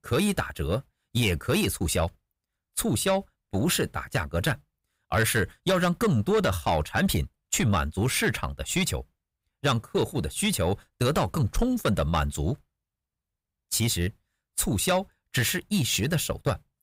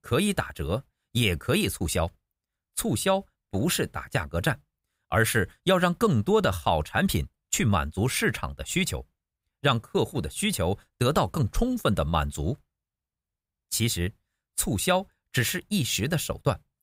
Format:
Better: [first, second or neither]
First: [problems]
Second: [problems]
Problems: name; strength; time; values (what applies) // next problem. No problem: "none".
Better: second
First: distortion; slight; 10 dB below the speech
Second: none